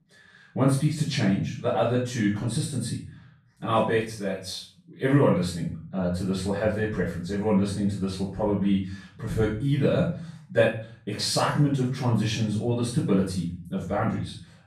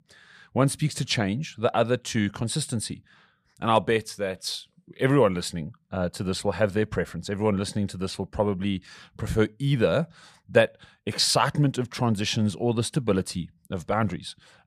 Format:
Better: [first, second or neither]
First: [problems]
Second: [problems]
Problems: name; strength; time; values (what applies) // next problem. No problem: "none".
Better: second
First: off-mic speech; far // room echo; noticeable; dies away in 0.5 s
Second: none